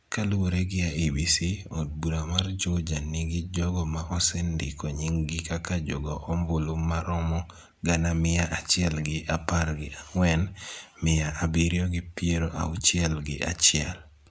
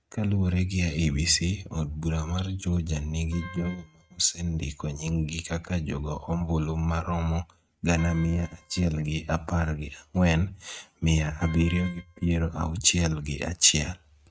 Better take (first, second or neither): first